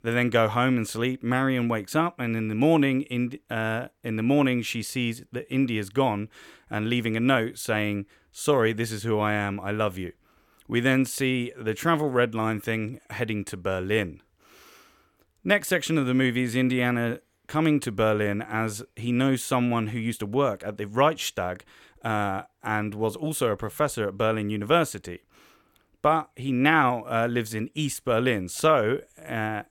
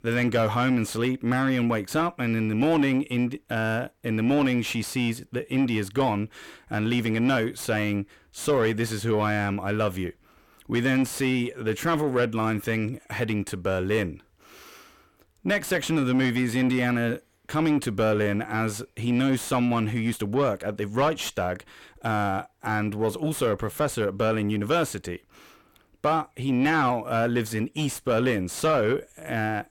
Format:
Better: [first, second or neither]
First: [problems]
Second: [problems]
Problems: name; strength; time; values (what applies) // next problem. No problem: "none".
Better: first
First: none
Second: distortion; slight; 10 dB below the speech